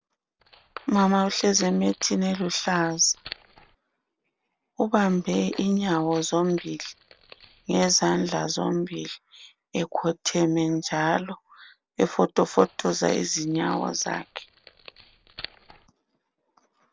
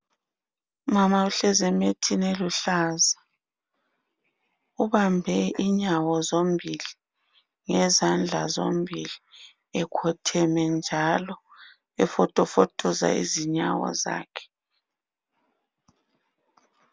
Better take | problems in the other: second | noise reduction (neural separator model SepFormer DNS4)

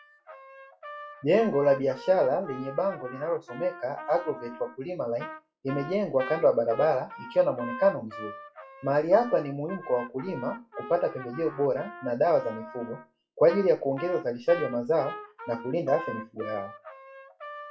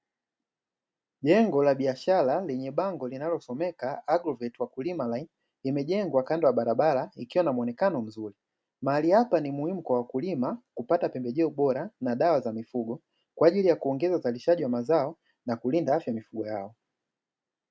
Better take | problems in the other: second | noise reduction (classical method WPE with log-MMSE)

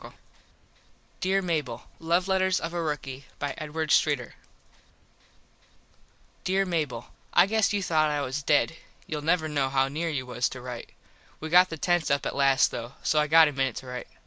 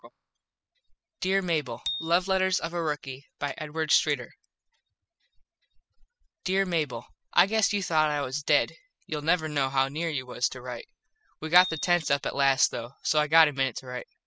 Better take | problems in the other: first | noise reduction (classical method spectral subtraction)

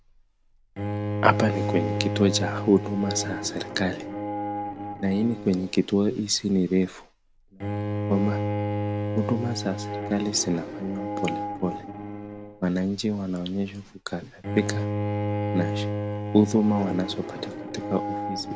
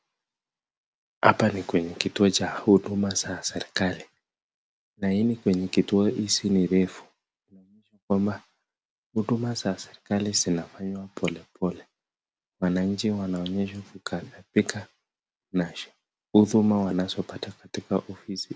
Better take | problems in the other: second | background sound (Bowed string instrument); 4 dB below the speech

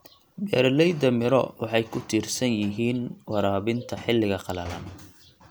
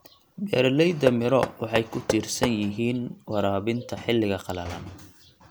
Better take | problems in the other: first | background sound (Knock); 7 dB below the speech

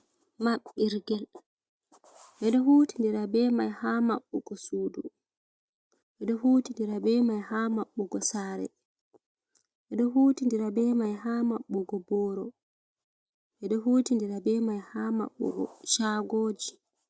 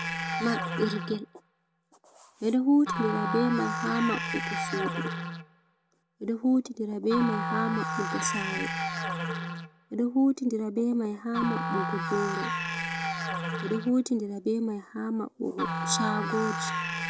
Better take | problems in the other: first | background sound (Musical instrument); 3 dB below the speech

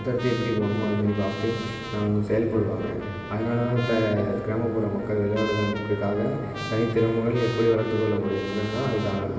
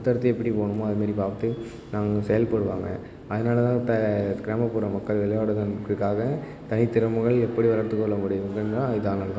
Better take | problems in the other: second | background sound (Trumpet); 13 dB below the speech // room echo; dies away in 2.5 s

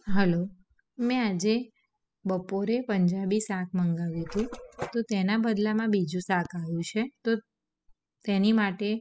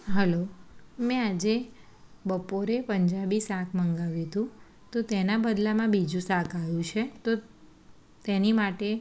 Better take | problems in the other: second | noise reduction (classical method spectral subtraction)

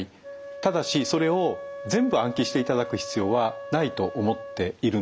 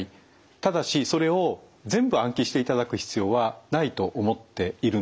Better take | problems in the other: second | background sound (Wind instrument, woodwind instrument); 12 dB below the speech

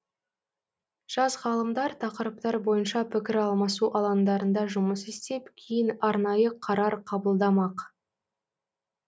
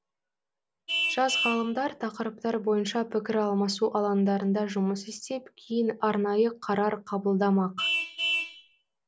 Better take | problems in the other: first | background sound (Vehicle horn, car horn, honking); 8 dB below the speech

